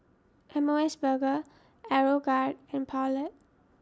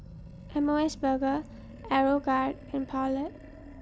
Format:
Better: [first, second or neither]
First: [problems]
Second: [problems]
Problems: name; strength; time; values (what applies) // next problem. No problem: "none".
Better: first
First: none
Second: background sound (Animal); 16 dB below the speech